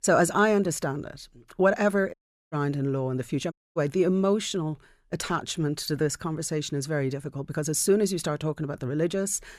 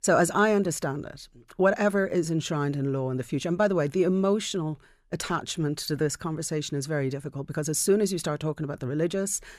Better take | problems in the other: second | audio cutting out; at 2 s and at 3.5 s

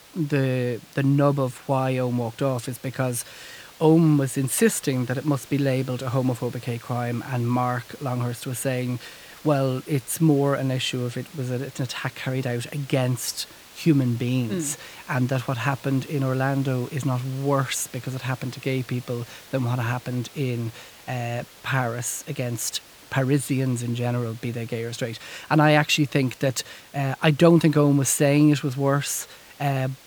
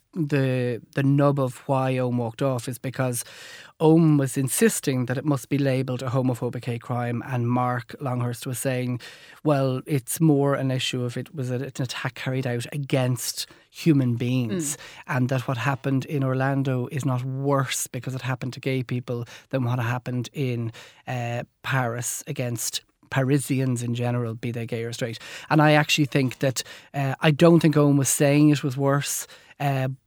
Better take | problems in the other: second | hiss; faint; throughout; 20 dB below the speech

